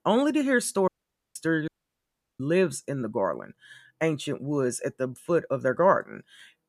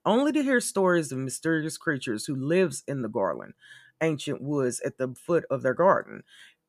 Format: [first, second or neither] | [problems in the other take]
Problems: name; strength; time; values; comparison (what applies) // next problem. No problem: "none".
second | audio cutting out; at 1 s and at 1.5 s for 0.5 s